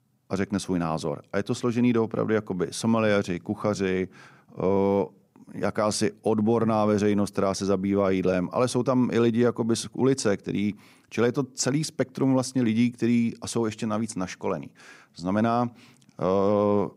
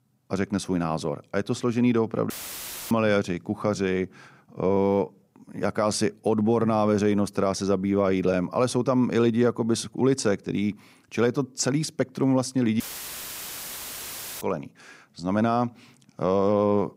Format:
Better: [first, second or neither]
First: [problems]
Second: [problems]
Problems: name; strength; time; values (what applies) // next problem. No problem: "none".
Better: first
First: none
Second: audio cutting out; filled with static; at 2.5 s for 0.5 s and at 13 s for 1.5 s